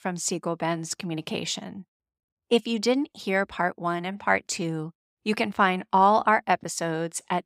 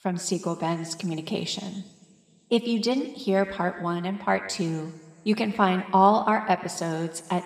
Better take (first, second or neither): first